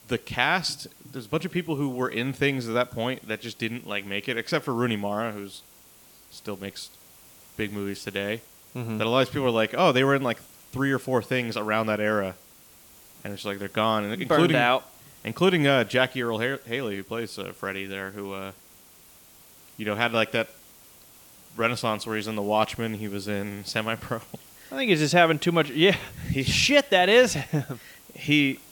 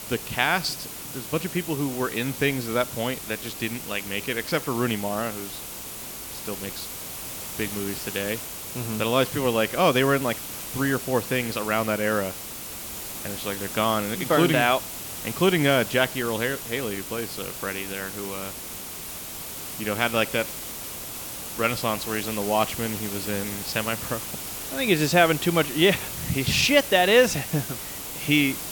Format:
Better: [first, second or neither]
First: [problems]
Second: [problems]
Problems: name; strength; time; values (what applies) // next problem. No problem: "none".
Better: first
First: hiss; faint; throughout; 25 dB below the speech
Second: hiss; loud; throughout; 8 dB below the speech